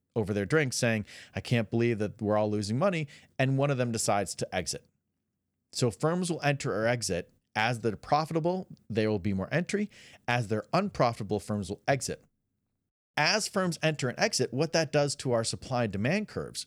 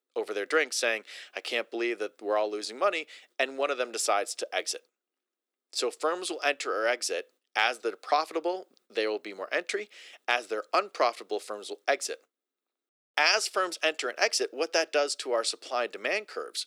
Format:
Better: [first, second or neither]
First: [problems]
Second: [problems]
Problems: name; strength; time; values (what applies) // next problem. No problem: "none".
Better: first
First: none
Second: thin; very; fading below 350 Hz